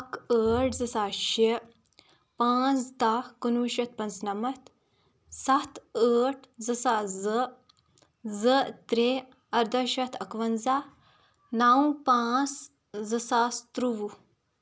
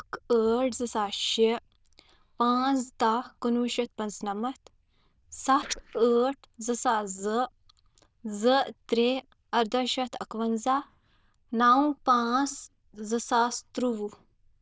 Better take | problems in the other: first | noise reduction (neural diffusion model UNIVERSE++)

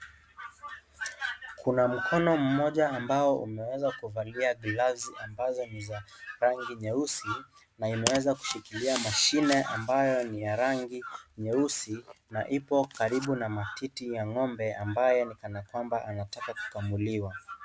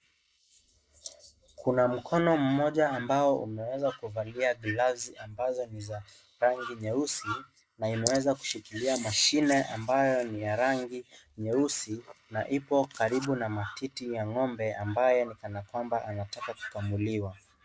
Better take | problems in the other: first | noise reduction (neural mask model Resemble Enhance denoiser)

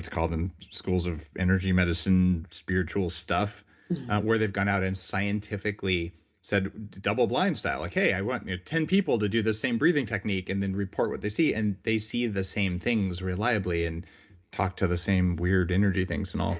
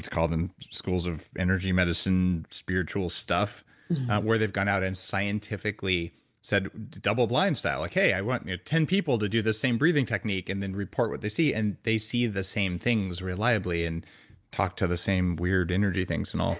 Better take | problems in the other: second | room echo; dies away in 0.3 s

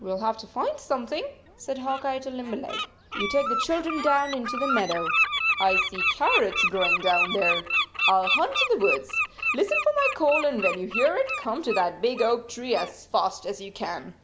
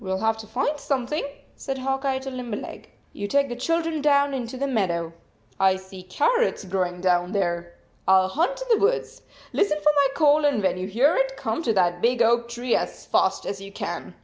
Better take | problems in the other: second | background sound (Bird); 2 dB below the speech

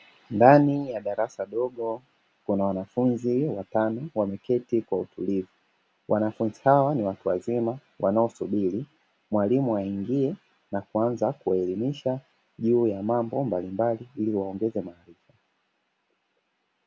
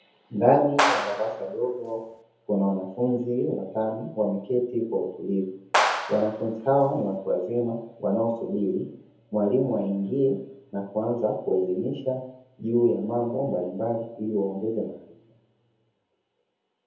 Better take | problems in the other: first | background sound (Clapping); 1 dB below the speech // room echo; dies away in 0.7 s

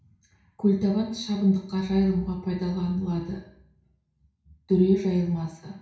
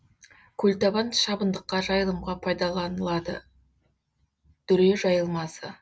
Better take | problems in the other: second | room echo; dies away in 0.6 s

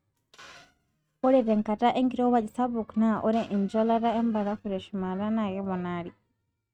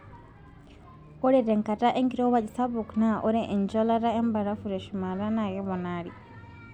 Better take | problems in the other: second | noise reduction (neural mask model RNNoise)

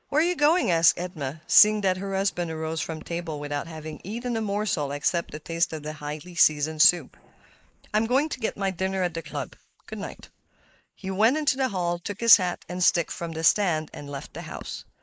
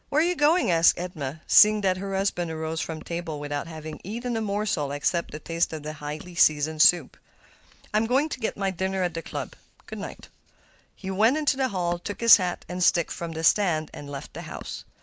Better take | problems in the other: second | noise reduction (neural mask model Resemble Enhance denoiser)

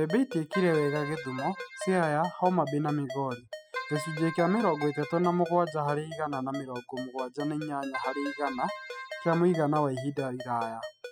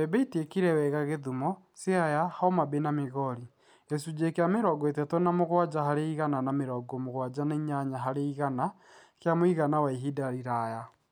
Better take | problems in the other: second | noise reduction (classical method spectral subtraction)

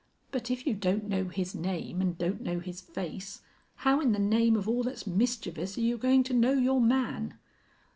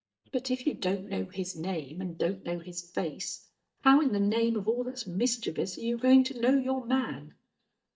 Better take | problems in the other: first | noise reduction (neural mask model DeepFilterNet 3)

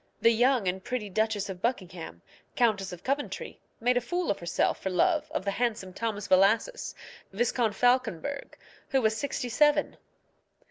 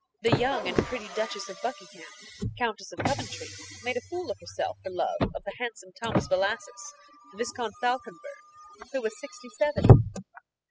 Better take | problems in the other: first | noise reduction (classical method spectral subtraction)

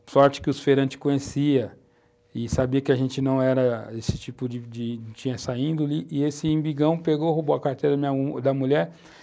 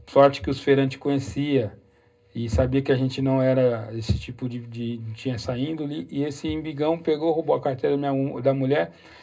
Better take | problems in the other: first | room echo; dies away in 0.2 s

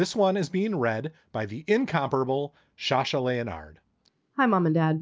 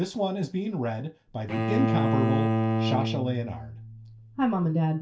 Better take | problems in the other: first | background sound (Bowed string instrument); 2 dB above the speech // room echo; dies away in 0.2 s

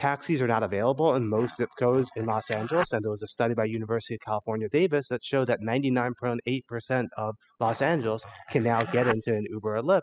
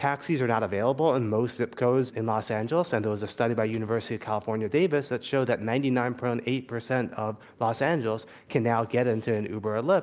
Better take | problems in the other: second | noise reduction (classical method spectral subtraction)

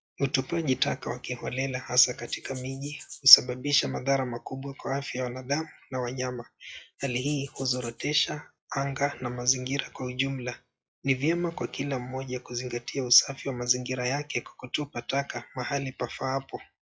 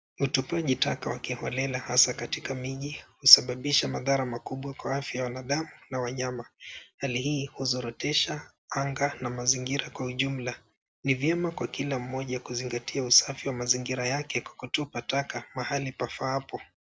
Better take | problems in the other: second | noise reduction (classical method log-MMSE)

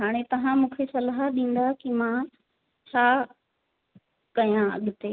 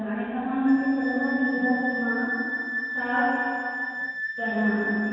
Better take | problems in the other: first | background sound (Wind instrument, woodwind instrument); 5 dB below the speech // room echo; dies away in 2.1 s

